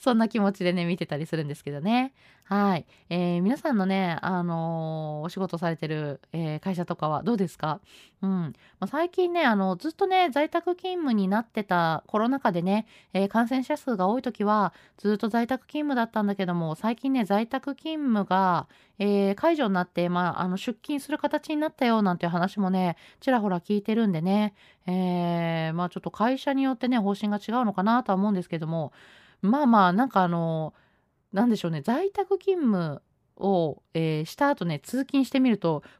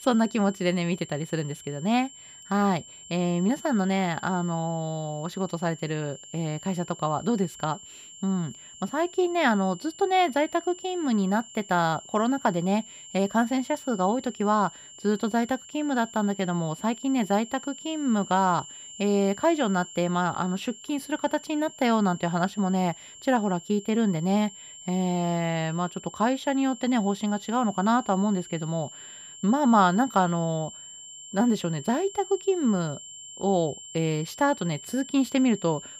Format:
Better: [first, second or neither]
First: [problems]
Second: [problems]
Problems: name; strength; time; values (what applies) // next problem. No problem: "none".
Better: first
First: none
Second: high-pitched whine; noticeable; throughout; 7.5 kHz, 15 dB below the speech